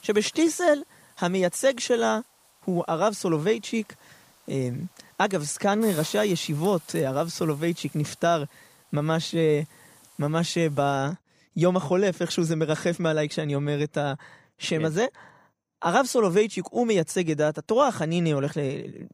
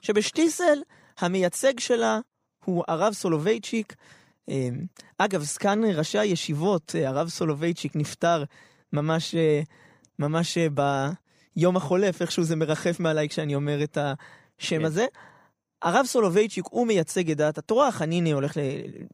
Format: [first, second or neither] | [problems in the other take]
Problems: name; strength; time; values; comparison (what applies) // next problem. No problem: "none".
second | hiss; faint; until 11 s; 25 dB below the speech